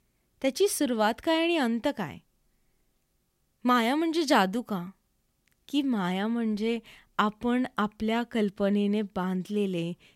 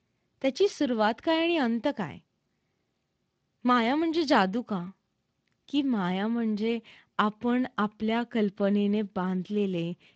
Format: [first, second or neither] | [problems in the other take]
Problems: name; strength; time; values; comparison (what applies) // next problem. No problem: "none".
first | garbled, watery; slightly; nothing above 7.5 kHz